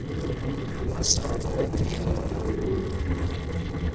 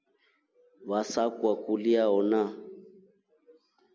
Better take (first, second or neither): second